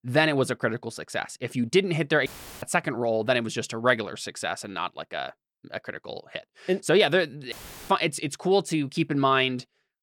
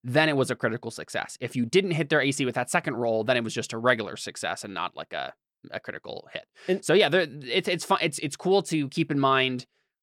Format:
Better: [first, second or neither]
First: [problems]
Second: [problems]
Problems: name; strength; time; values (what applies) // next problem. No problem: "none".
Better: second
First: audio cutting out; filled with static; at 2.5 s and at 7.5 s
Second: none